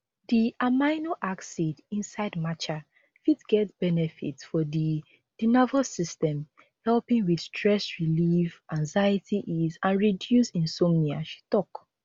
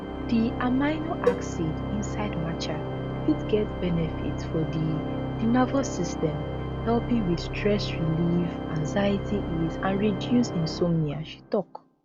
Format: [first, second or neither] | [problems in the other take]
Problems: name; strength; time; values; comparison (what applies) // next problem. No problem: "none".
first | background sound (Organ + Cowbell); 3 dB below the speech